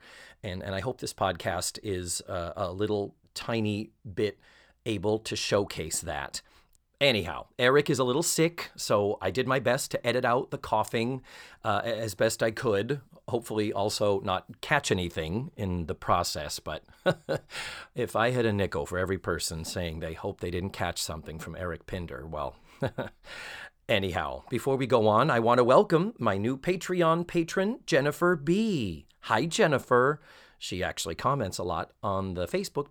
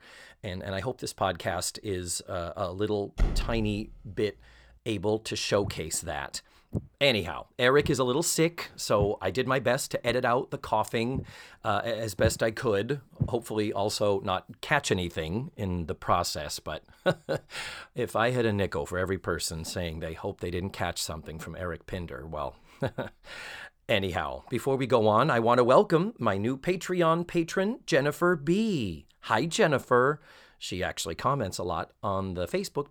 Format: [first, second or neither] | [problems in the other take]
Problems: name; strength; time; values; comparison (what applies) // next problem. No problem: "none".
first | door banging; noticeable; at 3 s; peak 3 dB below the speech // footsteps; noticeable; from 5.5 to 13 s; peak 6 dB below the speech